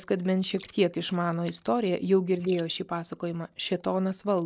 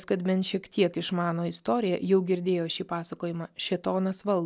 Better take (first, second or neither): second